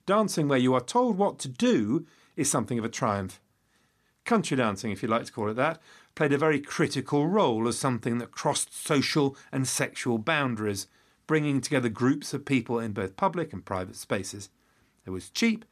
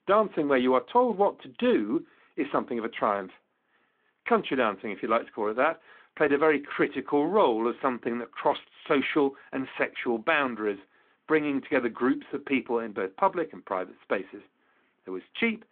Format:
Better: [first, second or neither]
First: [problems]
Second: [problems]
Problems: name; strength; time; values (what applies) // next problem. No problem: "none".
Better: first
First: none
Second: phone-call audio